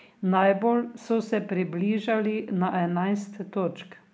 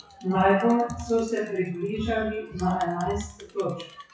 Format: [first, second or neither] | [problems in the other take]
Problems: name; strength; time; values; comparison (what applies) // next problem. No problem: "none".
first | noise reduction (classical method WPE with log-MMSE)